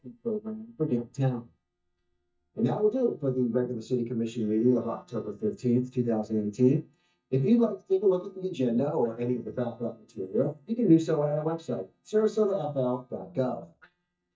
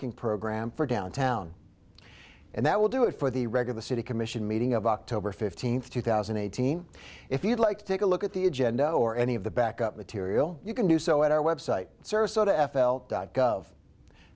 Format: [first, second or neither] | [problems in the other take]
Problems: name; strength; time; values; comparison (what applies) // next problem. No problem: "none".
second | noise reduction (neural mask model DeepFilterNet 3)